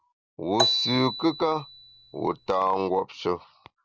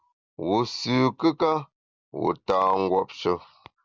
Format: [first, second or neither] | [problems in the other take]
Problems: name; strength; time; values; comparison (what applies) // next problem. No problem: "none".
second | background sound (Marimba, xylophone); 3 dB below the speech